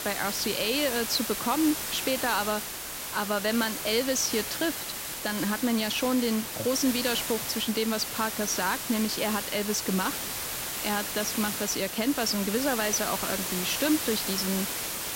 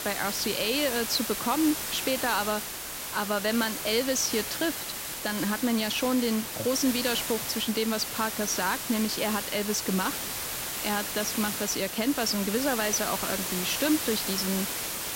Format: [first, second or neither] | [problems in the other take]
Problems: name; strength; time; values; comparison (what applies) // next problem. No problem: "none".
neither | hiss; loud; throughout; 3 dB below the speech; the same in both